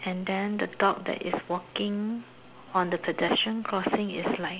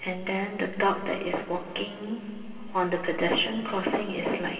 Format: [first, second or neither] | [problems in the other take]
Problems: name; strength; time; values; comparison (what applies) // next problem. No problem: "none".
first | room echo; dies away in 2.6 s